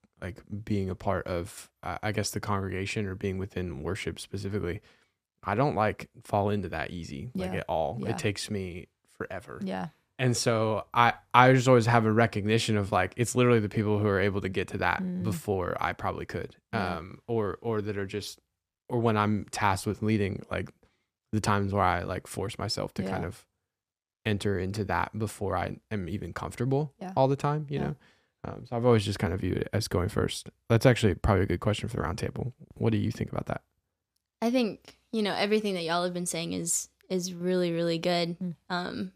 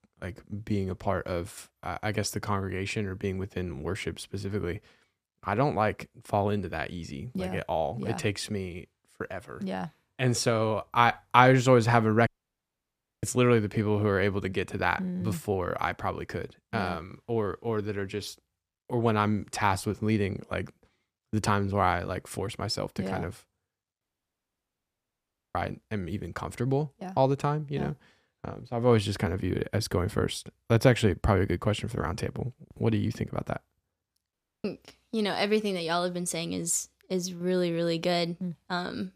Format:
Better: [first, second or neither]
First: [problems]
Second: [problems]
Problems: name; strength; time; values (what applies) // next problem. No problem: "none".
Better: first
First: none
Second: audio cutting out; at 12 s for 1 s, at 24 s for 1.5 s and at 34 s